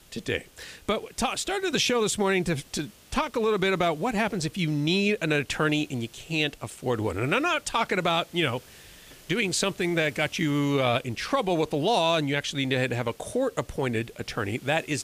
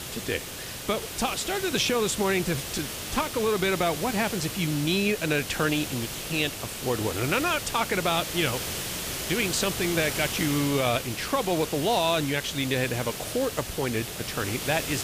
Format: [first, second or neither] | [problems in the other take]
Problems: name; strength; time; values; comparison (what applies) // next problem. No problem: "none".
first | hiss; loud; throughout; 5 dB below the speech; faint in the first